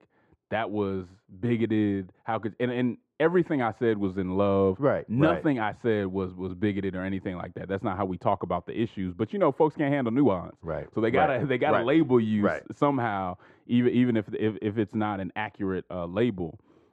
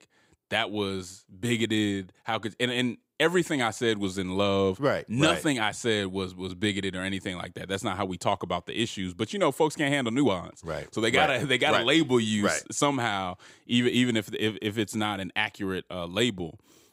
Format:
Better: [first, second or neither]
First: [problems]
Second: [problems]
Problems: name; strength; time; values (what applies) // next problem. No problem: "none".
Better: second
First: muffled; very; fading above 3.5 kHz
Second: none